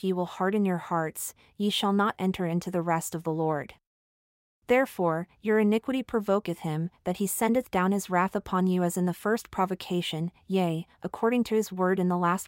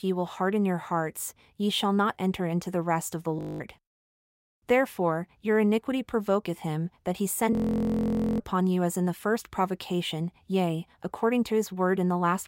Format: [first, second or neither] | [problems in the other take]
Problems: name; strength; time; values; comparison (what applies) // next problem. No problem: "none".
first | audio freezing; at 3.5 s and at 7.5 s for 1 s